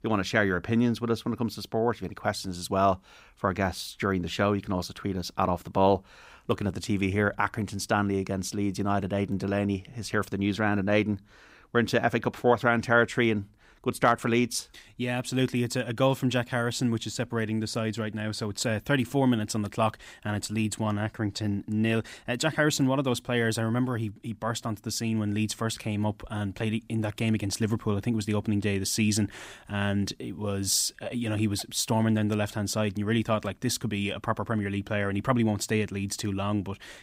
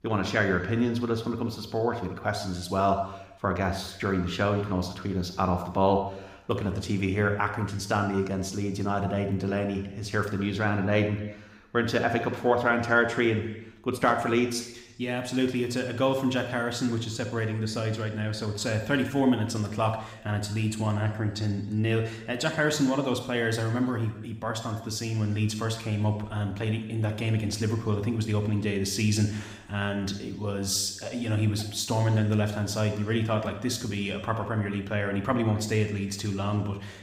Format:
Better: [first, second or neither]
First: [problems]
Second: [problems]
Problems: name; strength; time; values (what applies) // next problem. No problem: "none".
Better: first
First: none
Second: room echo; slight; dies away in 0.9 s